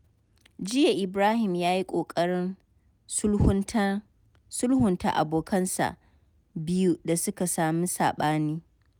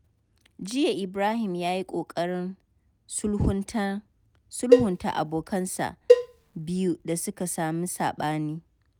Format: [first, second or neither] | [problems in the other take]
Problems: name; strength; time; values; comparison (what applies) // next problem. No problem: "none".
first | background sound (Cowbell); 4 dB above the speech